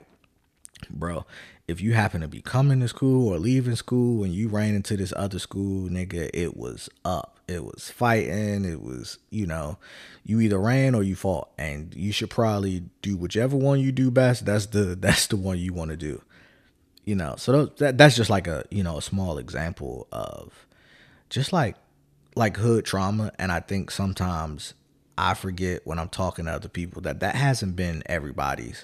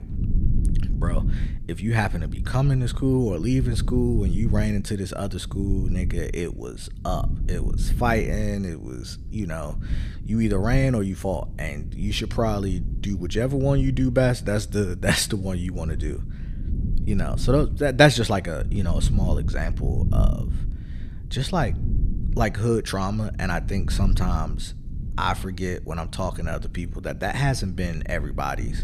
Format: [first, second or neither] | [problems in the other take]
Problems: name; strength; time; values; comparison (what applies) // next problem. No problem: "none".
first | low rumble; noticeable; throughout; 15 dB below the speech